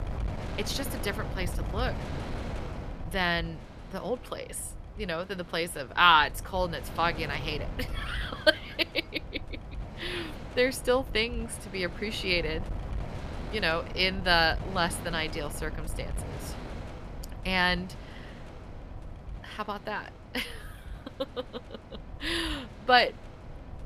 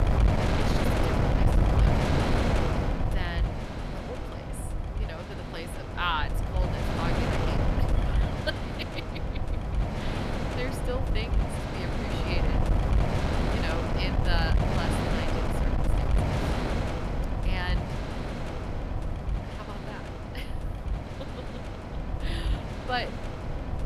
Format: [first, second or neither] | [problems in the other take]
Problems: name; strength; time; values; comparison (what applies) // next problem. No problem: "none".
first | wind noise on the microphone; heavy; 2 dB above the speech; occasional gusts in the first